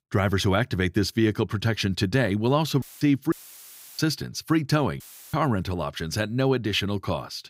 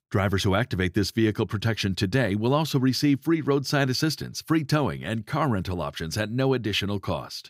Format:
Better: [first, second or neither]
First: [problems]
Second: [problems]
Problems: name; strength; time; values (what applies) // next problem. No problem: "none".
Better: second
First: audio cutting out; filled with static; at 3 s, at 3.5 s for 0.5 s and at 5 s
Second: none